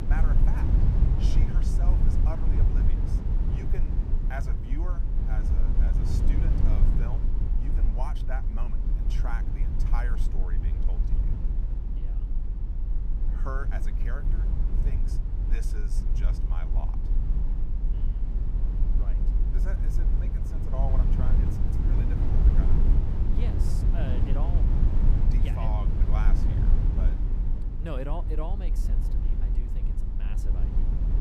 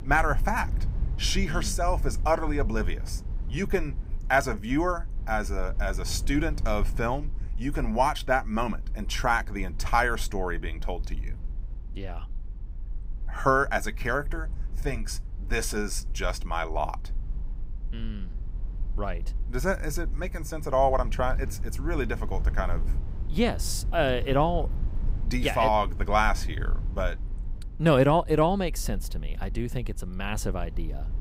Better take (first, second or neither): second